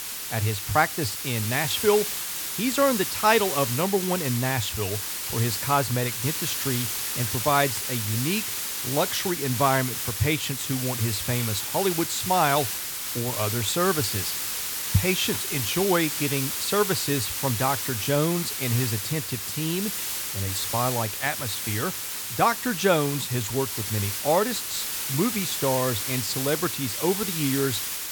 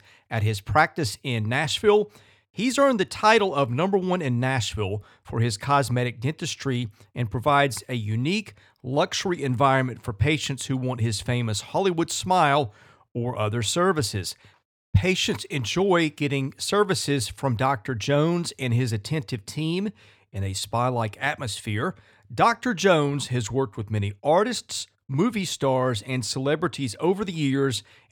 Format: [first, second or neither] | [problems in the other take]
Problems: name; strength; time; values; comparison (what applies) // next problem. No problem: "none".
second | hiss; loud; throughout; 1 dB below the speech